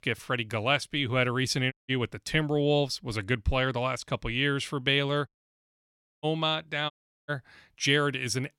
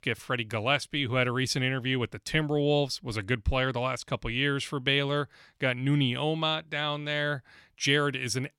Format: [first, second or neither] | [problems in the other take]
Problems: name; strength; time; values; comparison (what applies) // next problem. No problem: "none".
second | audio cutting out; at 1.5 s, at 5.5 s for 1 s and at 7 s